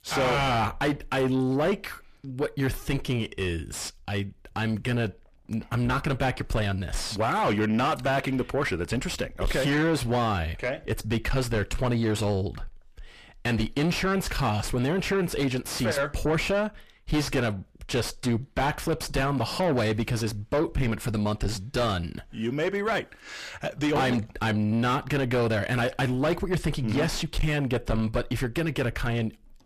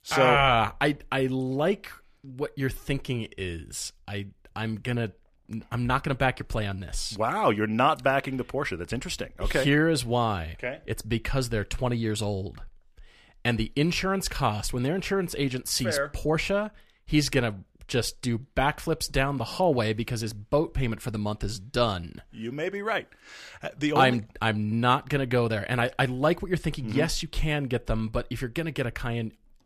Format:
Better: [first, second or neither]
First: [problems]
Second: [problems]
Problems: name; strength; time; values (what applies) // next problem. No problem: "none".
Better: second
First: distortion; heavy; 5 dB below the speech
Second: none